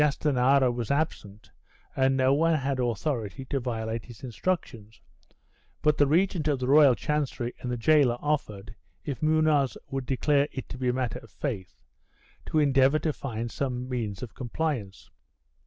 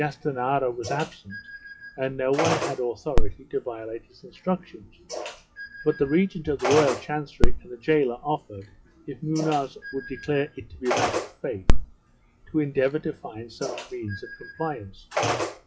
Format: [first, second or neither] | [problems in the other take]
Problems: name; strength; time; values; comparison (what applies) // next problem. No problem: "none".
first | noise reduction (classical method WPE with log-MMSE)